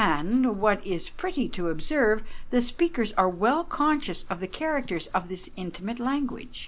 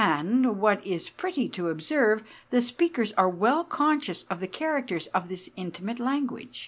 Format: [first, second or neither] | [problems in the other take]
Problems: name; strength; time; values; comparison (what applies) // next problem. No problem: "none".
second | background sound (Chewing, mastication / Livestock, farm animals, working animals); 8 dB below the speech